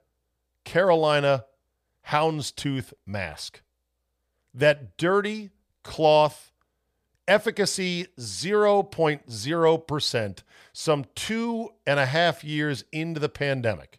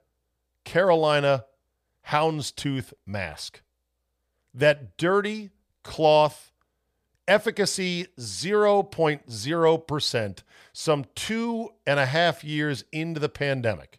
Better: neither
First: none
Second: none

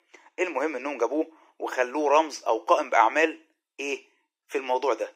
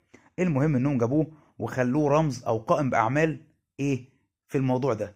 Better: second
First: thin; very; fading below 350 Hz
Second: none

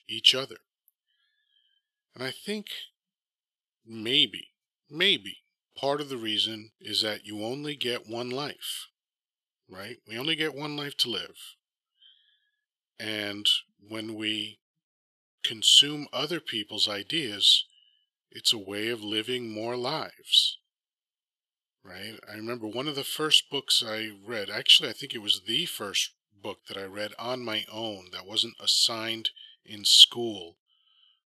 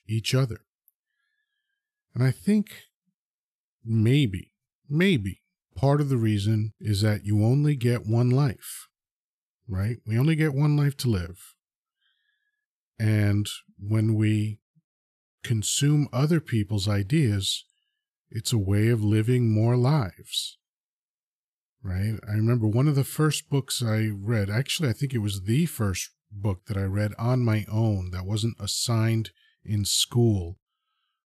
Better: second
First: thin; very; fading below 450 Hz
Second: none

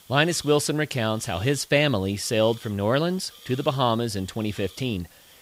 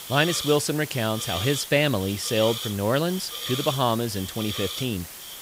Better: first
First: hiss; faint; throughout; 20 dB below the speech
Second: hiss; loud; throughout; 7 dB below the speech

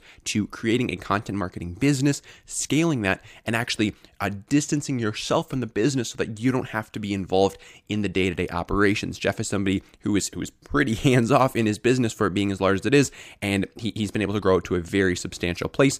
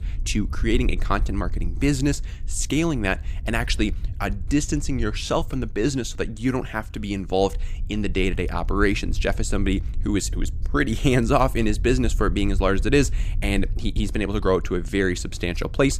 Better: first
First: none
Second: low rumble; faint; throughout; 25 dB below the speech

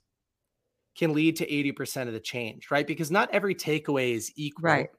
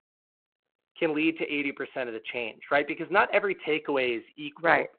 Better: first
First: none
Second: phone-call audio

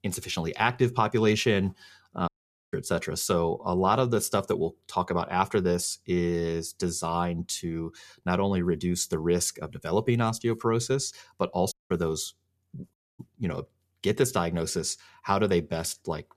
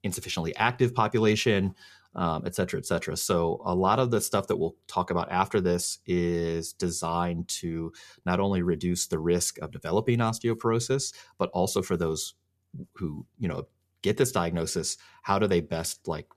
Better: second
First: audio cutting out; at 2.5 s, at 12 s and at 13 s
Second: none

